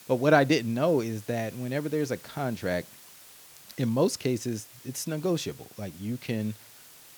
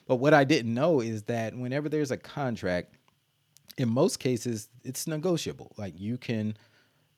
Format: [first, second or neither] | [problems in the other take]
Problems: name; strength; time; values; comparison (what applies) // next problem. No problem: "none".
second | hiss; noticeable; throughout; 20 dB below the speech